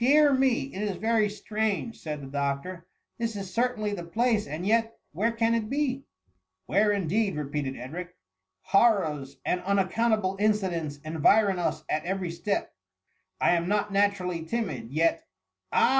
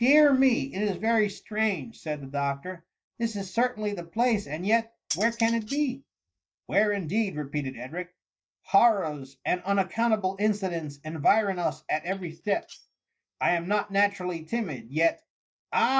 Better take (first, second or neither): first